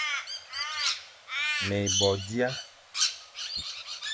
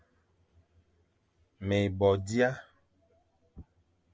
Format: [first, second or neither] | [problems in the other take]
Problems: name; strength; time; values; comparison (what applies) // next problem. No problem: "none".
second | background sound (Crow); 2 dB above the speech